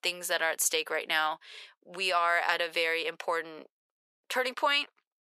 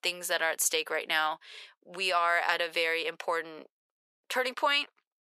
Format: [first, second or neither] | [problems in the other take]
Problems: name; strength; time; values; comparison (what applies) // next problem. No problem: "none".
neither | thin; very; fading below 750 Hz; the same in both